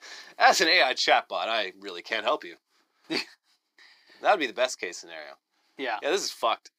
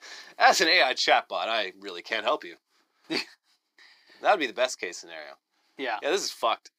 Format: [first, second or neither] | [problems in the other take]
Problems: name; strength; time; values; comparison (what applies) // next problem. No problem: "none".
neither | thin; very; fading below 350 Hz; the same in both